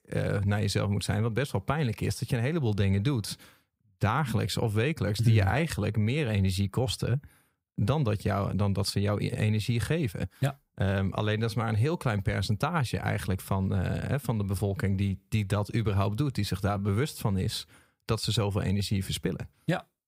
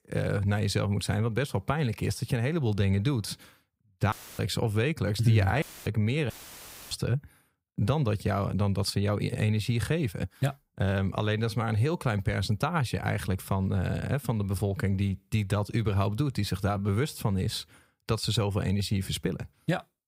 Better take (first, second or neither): first